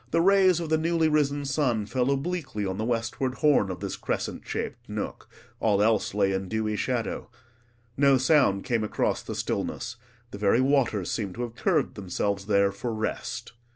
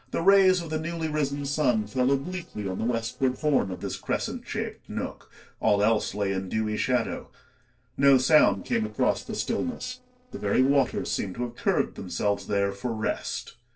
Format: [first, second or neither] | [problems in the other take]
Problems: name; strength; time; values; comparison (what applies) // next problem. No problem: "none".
first | noise reduction (neural separator model SepFormer DNS4)